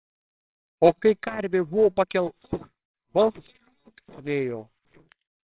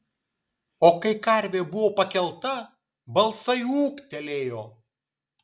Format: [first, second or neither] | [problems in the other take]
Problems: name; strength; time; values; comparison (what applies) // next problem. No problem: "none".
second | noise reduction (neural separator model SepFormer WHAMR!)